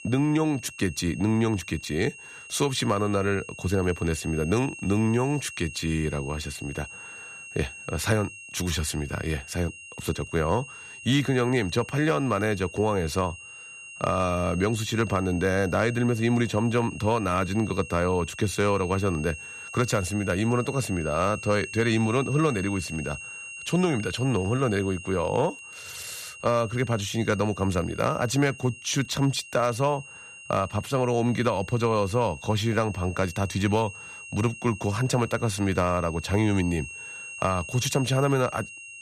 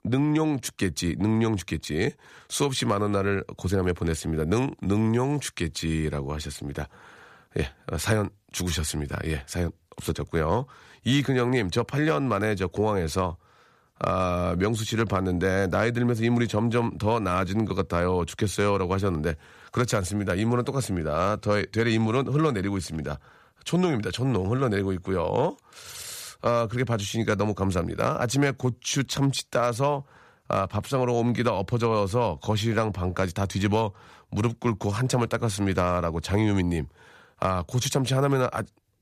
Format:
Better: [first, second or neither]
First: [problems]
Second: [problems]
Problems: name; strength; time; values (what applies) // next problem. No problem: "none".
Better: second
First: high-pitched whine; noticeable; throughout; 2.5 kHz, 15 dB below the speech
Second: none